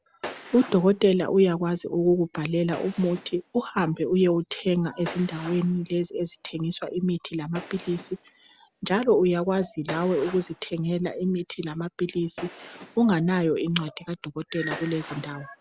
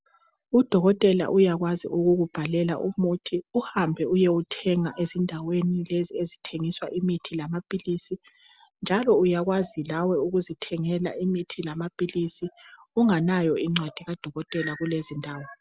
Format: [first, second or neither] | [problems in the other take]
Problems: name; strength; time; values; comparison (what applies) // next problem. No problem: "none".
second | background sound (Gunshot, gunfire); 19 dB below the speech